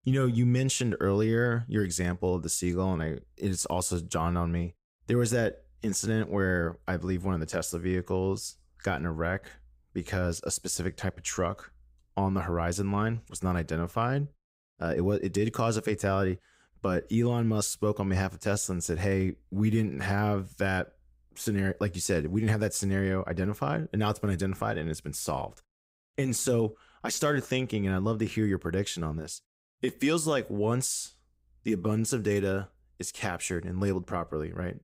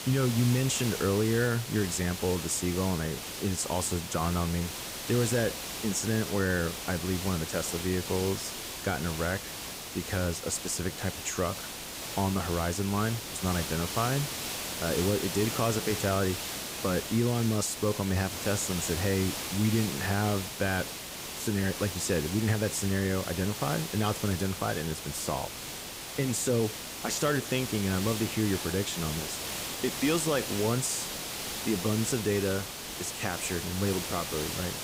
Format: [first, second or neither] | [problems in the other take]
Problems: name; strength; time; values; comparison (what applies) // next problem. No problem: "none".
first | hiss; loud; throughout; 5 dB below the speech